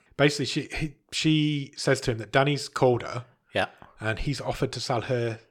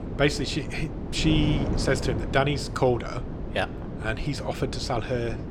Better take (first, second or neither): first